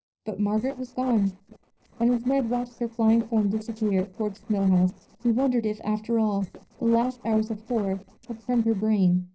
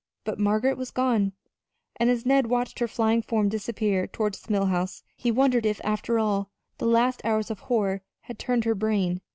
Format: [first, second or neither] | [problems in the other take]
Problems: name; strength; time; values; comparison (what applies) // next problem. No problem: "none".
second | noise reduction (neural separator model SepFormer DNS4)